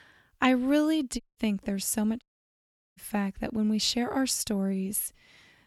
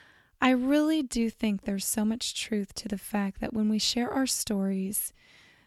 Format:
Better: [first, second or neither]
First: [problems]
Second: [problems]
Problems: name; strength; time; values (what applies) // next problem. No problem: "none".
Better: second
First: audio cutting out; at 1 s and at 2 s for 0.5 s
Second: none